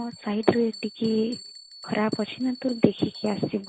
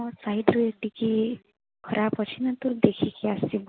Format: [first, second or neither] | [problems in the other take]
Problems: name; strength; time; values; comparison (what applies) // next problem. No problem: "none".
second | background sound (Bell); 18 dB below the speech